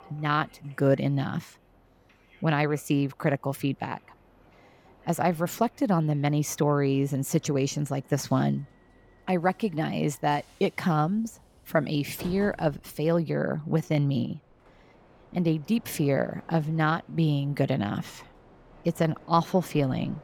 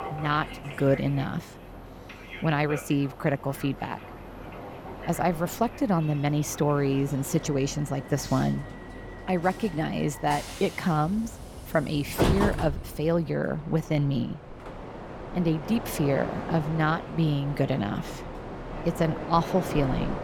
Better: first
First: train or aircraft noise; faint; throughout; 25 dB below the speech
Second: train or aircraft noise; loud; throughout; 9 dB below the speech

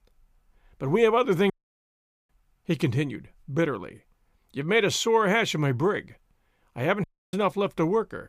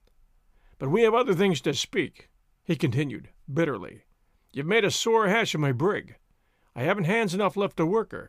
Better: second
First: audio cutting out; at 1.5 s for 1 s and at 7 s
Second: none

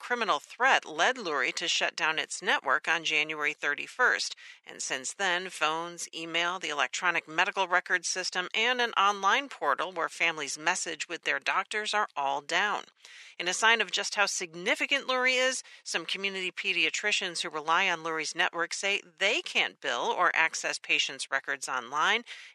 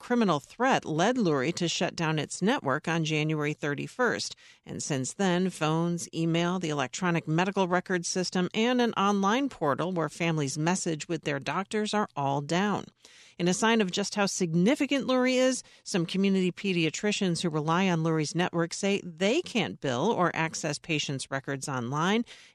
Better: second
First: thin; very; fading below 600 Hz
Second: none

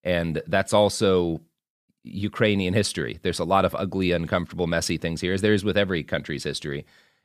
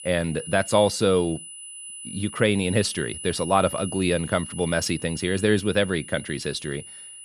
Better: first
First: none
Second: high-pitched whine; noticeable; throughout; 10 kHz, 10 dB below the speech

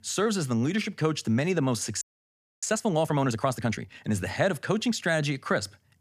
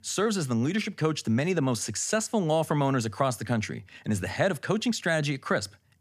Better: second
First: audio freezing; at 2 s for 0.5 s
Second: none

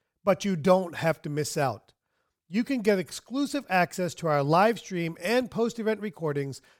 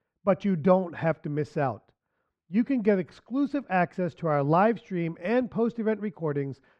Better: first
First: none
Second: muffled; very; fading above 2 kHz

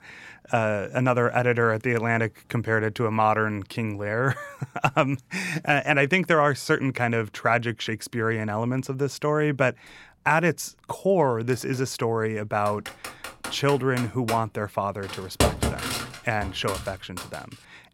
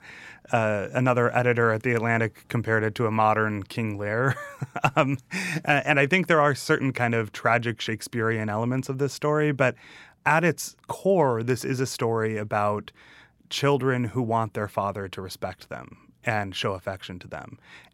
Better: second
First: keyboard typing; loud; from 13 to 17 s; peak 1 dB above the speech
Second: none

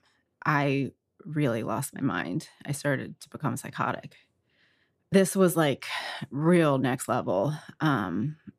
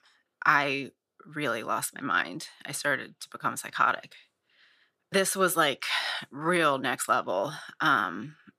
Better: first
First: none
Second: thin; somewhat; fading below 900 Hz

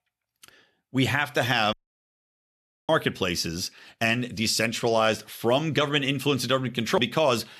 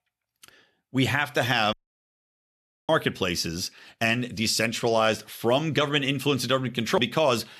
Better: neither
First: audio cutting out; at 1.5 s for 1 s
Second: audio cutting out; at 1.5 s for 1 s

